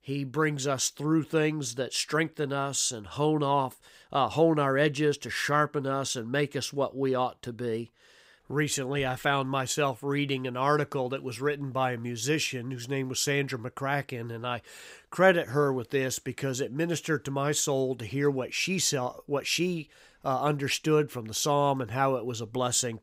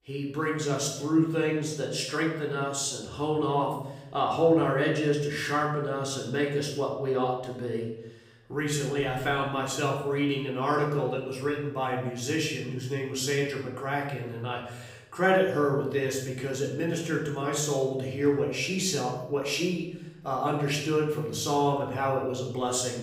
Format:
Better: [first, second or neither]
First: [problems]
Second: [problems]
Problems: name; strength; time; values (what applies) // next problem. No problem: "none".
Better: first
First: none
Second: room echo; noticeable; dies away in 0.9 s // off-mic speech; far